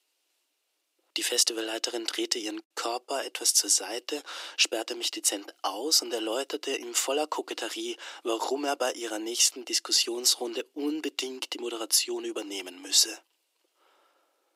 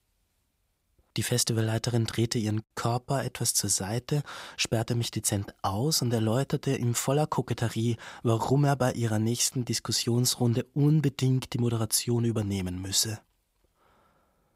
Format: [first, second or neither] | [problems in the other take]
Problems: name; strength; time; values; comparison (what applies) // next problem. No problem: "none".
second | thin; very; fading below 300 Hz